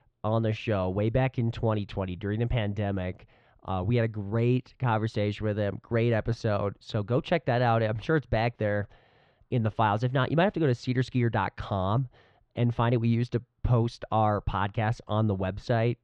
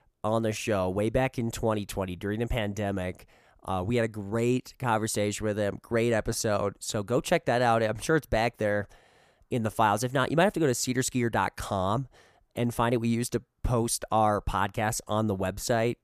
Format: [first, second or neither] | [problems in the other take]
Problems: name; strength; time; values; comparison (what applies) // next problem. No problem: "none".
second | muffled; slightly; fading above 3.5 kHz